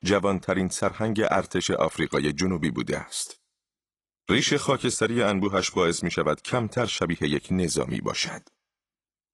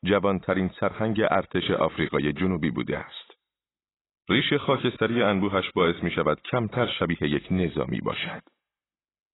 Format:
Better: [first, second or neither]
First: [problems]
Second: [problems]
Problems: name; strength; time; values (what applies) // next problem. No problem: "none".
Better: first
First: garbled, watery; slightly; nothing above 10.5 kHz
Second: garbled, watery; badly; nothing above 4 kHz